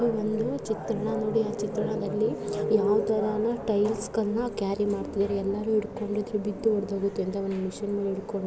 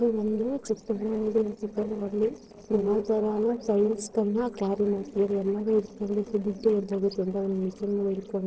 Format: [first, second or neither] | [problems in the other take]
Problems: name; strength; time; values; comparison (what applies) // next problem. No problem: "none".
first | noise reduction (neural separator model SepFormer DNS4)